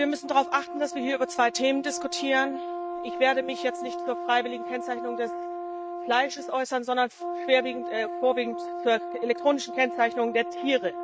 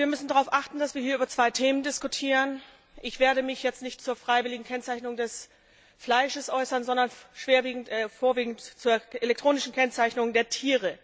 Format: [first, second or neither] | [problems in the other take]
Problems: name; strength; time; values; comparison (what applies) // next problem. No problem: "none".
second | noise reduction (neural mask model RNNoise)